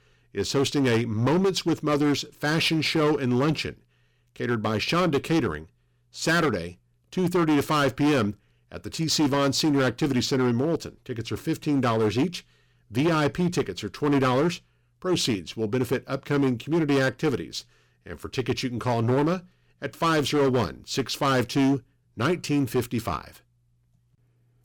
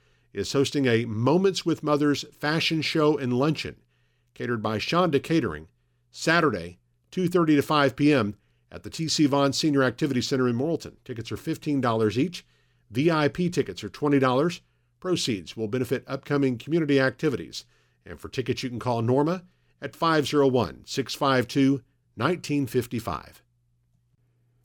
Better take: second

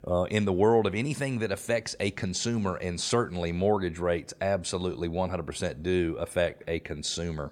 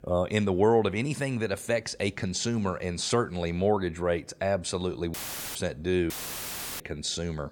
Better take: first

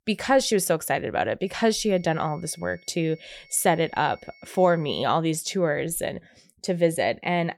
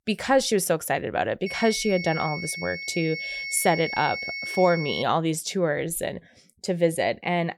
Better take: first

